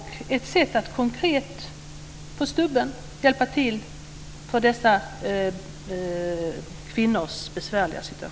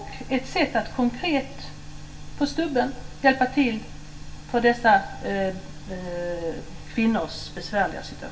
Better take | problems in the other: first | room echo; dies away in 0.2 s

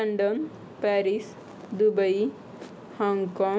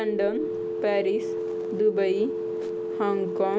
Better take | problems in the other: first | background sound (Telephone); 3 dB below the speech

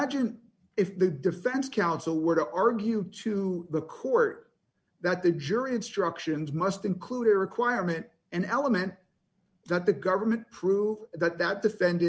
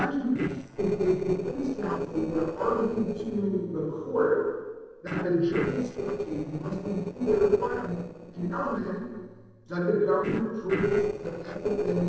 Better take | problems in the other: first | noise reduction (neural separator model SepFormer DNS4)

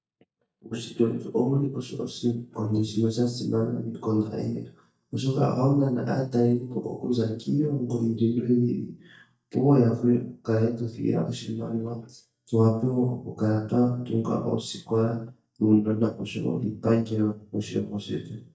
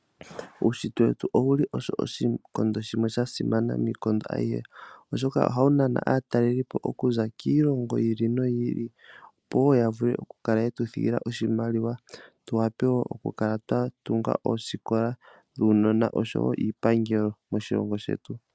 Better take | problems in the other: second | noise reduction (neural mask model DeepFilterNet 3)

